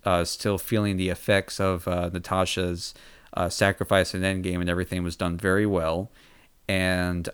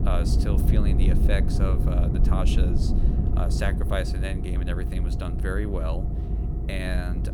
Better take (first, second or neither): first